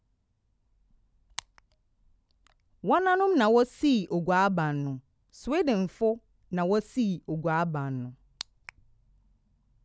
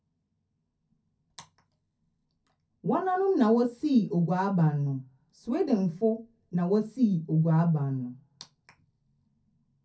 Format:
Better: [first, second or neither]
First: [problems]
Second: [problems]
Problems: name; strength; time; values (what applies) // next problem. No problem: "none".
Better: first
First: none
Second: room echo; dies away in 0.3 s